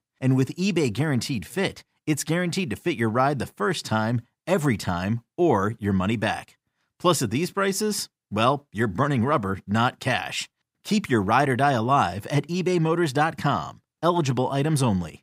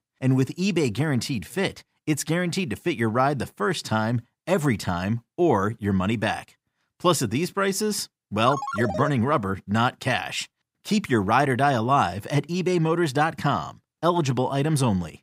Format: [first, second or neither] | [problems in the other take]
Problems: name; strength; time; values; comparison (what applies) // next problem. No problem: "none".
first | phone ringing; noticeable; at 8.5 s; peak 6 dB below the speech